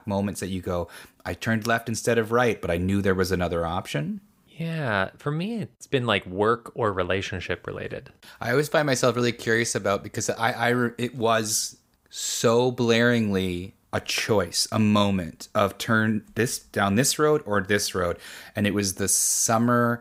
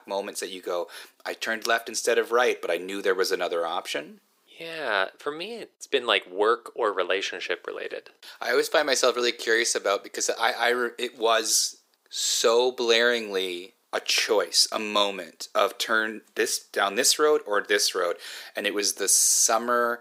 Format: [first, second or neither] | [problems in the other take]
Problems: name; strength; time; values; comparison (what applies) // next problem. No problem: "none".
first | thin; very; fading below 350 Hz